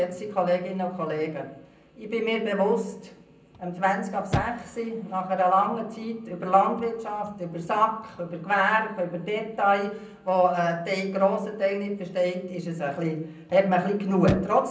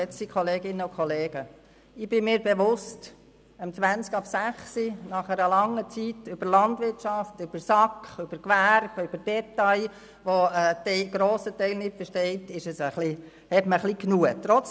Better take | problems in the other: second | background sound (Chirp, tweet / Slam / Car); 16 dB below the speech // room echo; dies away in 0.6 s

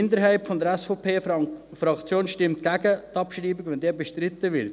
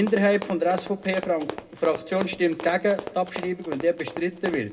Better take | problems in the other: first | background sound (Run); 12 dB below the speech // room echo; dies away in 0.2 s

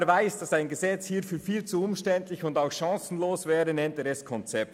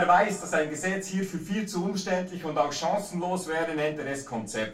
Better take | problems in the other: first | room echo; dies away in 0.2 s

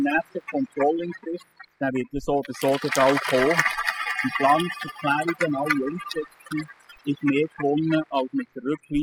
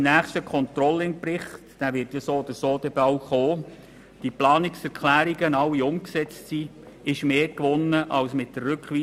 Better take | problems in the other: second | noise reduction (classical method spectral subtraction)

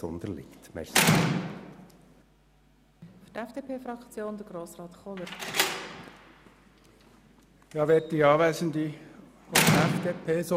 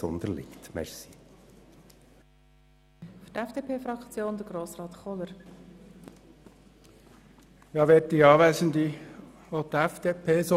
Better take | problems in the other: second | background sound (Slam); as loud as the speech

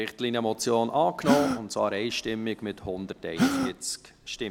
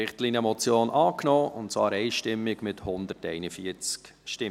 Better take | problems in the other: second | background sound (Gasp); 3 dB below the speech

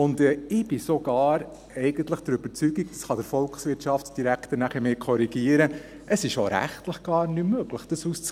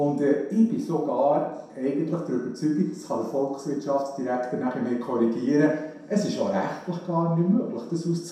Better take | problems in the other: first | room echo; dies away in 0.7 s

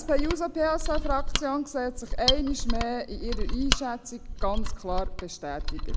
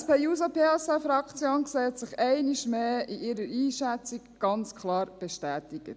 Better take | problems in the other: second | background sound (Mechanisms); 2 dB above the speech

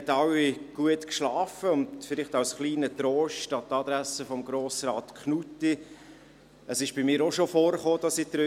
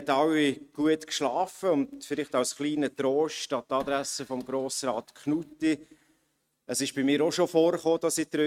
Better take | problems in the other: first | noise reduction (neural mask model RNNoise)

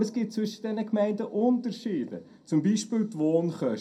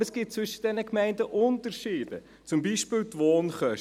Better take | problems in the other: second | room echo; dies away in 0.3 s

